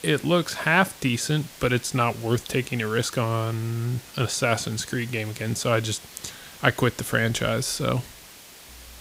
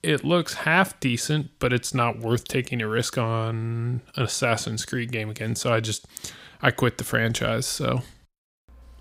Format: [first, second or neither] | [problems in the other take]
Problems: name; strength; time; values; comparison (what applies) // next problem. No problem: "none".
second | hiss; noticeable; throughout; 20 dB below the speech